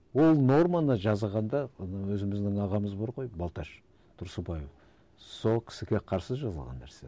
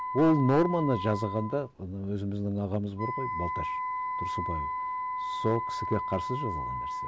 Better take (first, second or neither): first